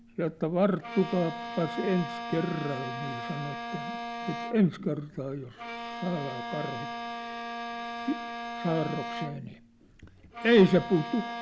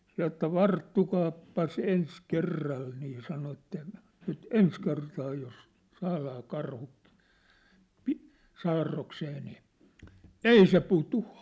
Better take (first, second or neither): second